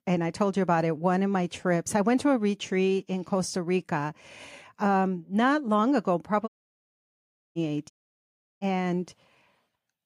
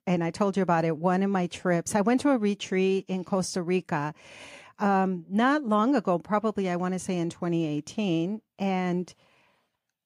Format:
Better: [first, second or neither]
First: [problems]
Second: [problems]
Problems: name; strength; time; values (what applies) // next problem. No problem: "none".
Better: second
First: audio cutting out; at 6.5 s for 1 s and at 8 s for 0.5 s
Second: none